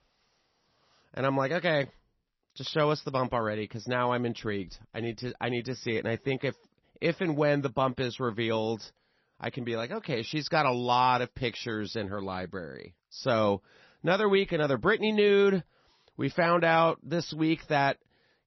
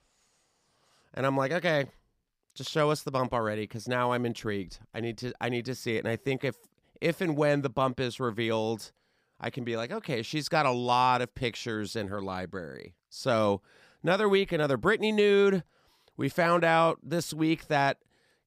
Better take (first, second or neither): second